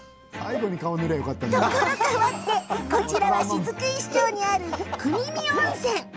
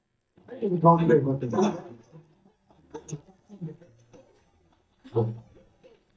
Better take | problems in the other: first | noise reduction (neural mask model DeepFilterNet 3)

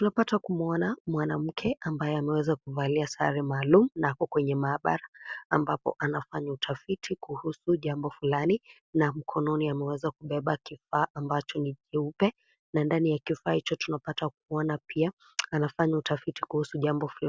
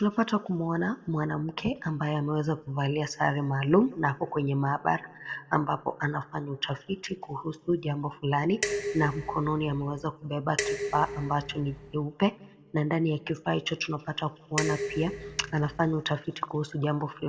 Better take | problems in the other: first | background sound (Dishes, pots, and pans); 6 dB below the speech // room echo; dies away in 1.7 s

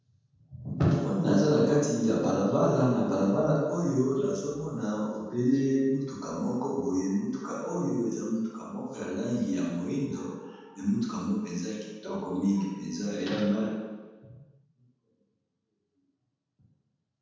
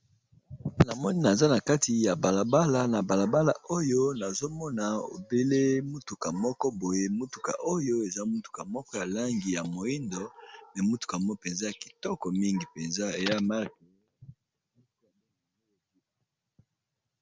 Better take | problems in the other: second | room echo; dies away in 1.2 s

